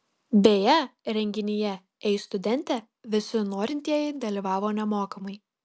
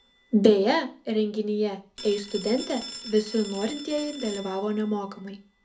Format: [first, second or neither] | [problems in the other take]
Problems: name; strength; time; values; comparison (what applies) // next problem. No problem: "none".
first | background sound (Telephone); 17 dB below the speech // room echo; dies away in 0.3 s